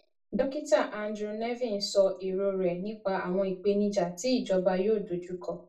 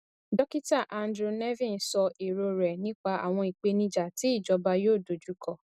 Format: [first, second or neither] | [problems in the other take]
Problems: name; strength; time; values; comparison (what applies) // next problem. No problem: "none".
second | room echo; dies away in 0.3 s